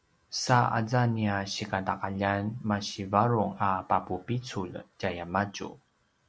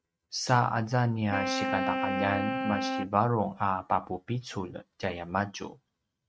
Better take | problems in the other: first | noise reduction (neural mask model RNNoise)

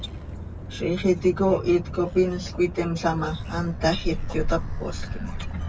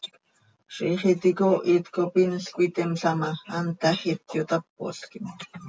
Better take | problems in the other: second | background sound (Motor vehicle (road)); 6 dB below the speech

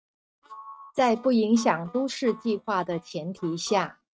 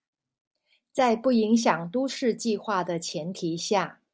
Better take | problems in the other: second | noise reduction (neural mask model RNNoise)

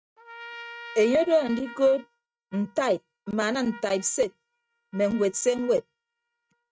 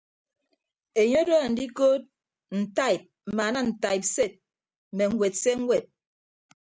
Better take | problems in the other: second | noise reduction (neural mask model RNNoise)

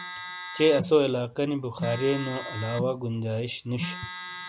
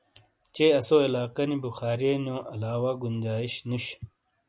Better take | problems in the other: second | background sound (Telephone); 10 dB below the speech

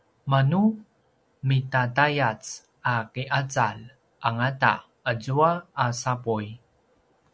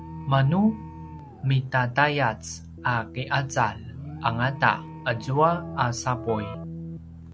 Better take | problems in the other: first | background sound (Keyboard (musical) + Alarm); 13 dB below the speech

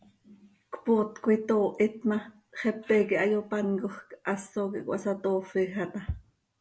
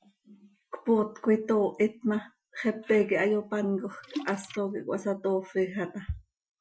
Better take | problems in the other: first | noise reduction (classical method Wiener filter)

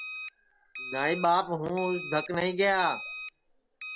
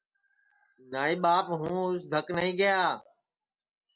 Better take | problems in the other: second | background sound (Alarm); 12 dB below the speech

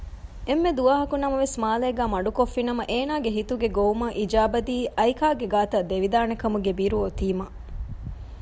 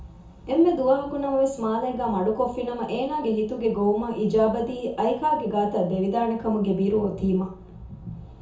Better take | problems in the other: first | room echo; dies away in 0.6 s

